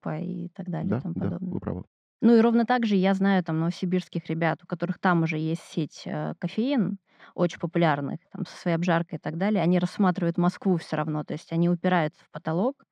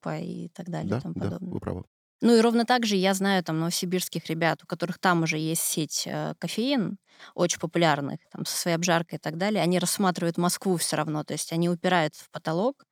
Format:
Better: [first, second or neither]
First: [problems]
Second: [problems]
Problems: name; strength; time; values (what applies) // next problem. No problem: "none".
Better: second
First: muffled; slightly; fading above 2.5 kHz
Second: none